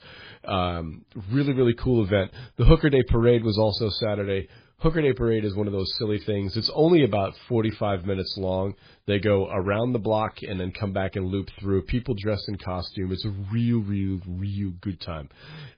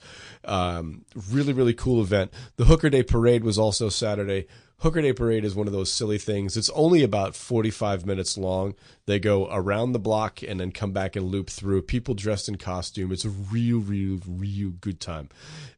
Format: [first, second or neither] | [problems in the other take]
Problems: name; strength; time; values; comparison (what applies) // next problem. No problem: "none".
second | garbled, watery; badly; nothing above 4.5 kHz; slightly in the second